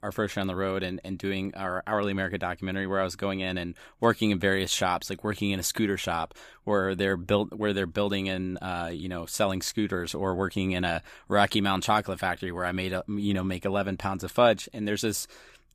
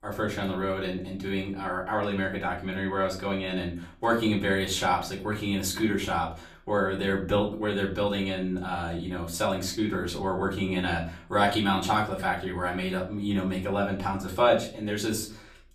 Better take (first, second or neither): first